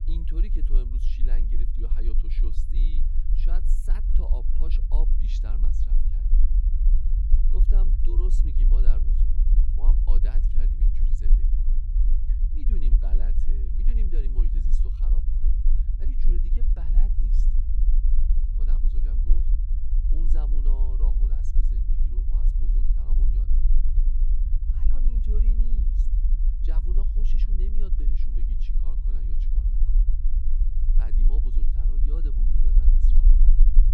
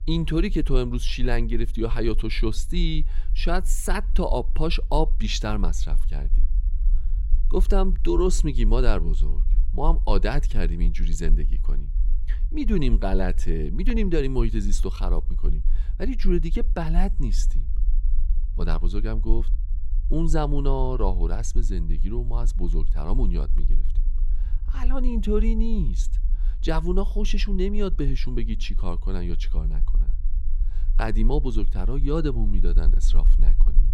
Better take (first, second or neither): second